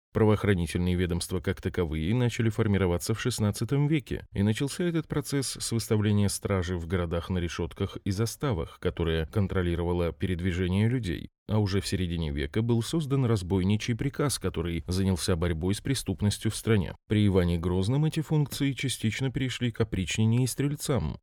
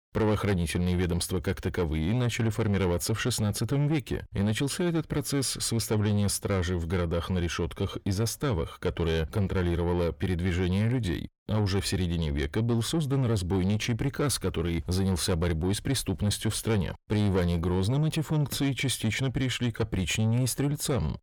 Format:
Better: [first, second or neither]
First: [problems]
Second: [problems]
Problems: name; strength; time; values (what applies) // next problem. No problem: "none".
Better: first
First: none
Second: distortion; slight; 10 dB below the speech